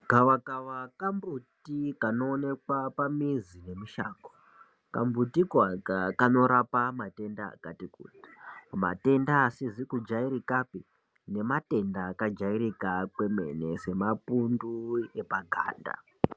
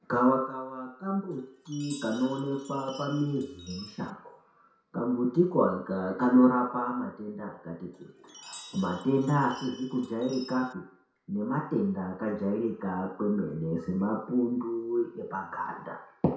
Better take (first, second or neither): first